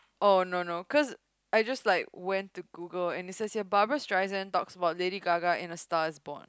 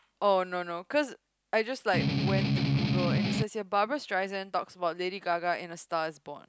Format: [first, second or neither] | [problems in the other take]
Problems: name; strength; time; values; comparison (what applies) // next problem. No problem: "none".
first | background sound (Strum); 5 dB above the speech